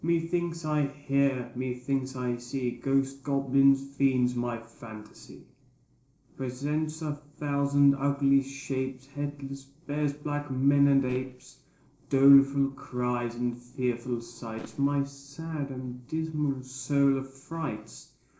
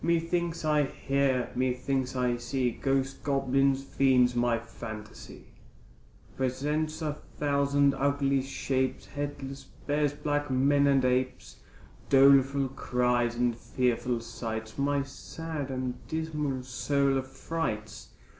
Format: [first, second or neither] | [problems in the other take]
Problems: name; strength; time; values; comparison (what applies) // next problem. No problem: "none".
second | noise reduction (neural separator model SepFormer DNS4)